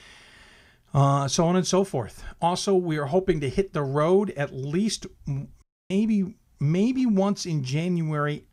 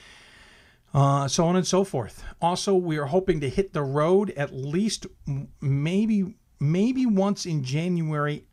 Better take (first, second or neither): second